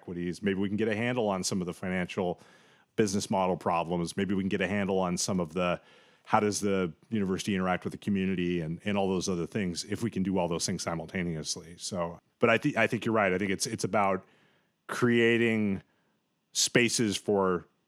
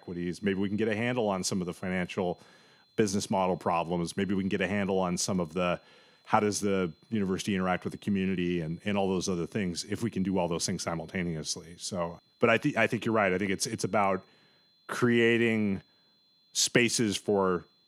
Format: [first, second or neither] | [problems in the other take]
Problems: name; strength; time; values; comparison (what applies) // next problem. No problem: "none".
first | high-pitched whine; faint; throughout; 4 kHz, 35 dB below the speech